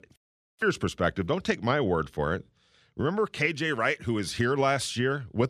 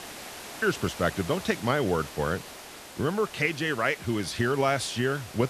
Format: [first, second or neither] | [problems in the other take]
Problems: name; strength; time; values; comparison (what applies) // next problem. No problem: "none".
first | hiss; noticeable; throughout; 15 dB below the speech